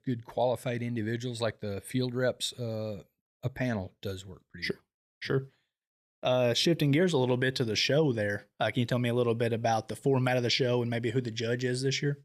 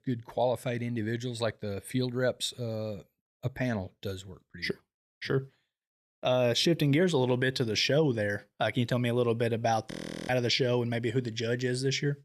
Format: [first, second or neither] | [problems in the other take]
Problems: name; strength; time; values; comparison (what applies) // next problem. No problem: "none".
first | audio freezing; at 10 s